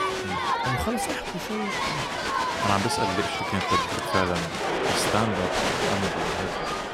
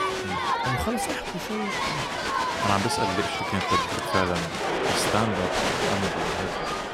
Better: neither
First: crowd noise; very loud; throughout; 4 dB above the speech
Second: crowd noise; very loud; throughout; 4 dB above the speech

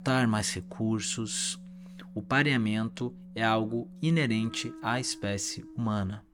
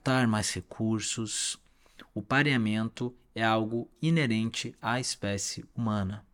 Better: second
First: background music; noticeable; throughout; 20 dB below the speech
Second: none

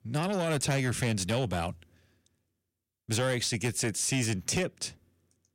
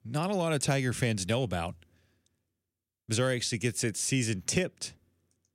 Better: second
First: distortion; slight; 10 dB below the speech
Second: none

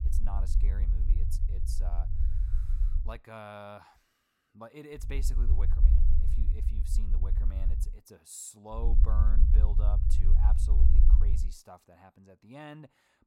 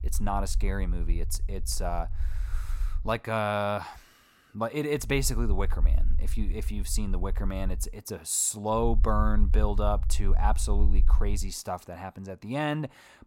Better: second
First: low rumble; loud; until 3 s, from 5 to 8 s and from 9 to 11 s; 4 dB below the speech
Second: low rumble; faint; until 3 s, from 5 to 8 s and from 9 to 11 s; 20 dB below the speech

